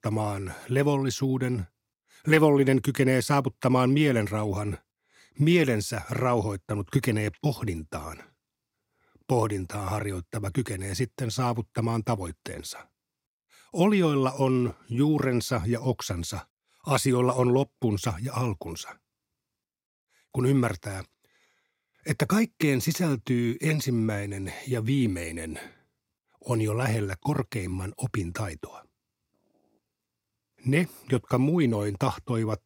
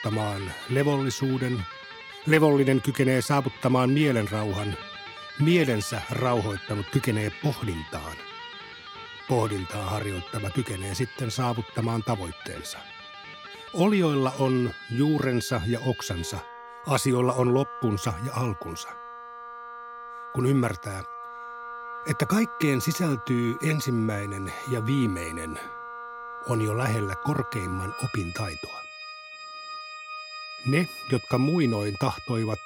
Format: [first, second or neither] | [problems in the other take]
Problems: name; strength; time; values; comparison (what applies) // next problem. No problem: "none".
first | background music; noticeable; throughout; 10 dB below the speech